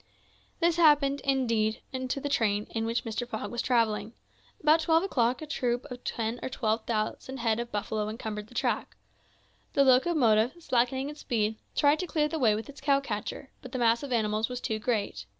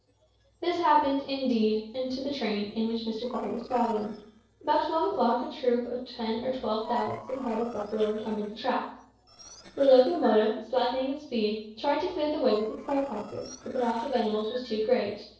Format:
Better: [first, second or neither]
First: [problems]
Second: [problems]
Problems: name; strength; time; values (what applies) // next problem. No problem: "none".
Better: first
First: none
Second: noise reduction (neural separator model SepFormer DNS4)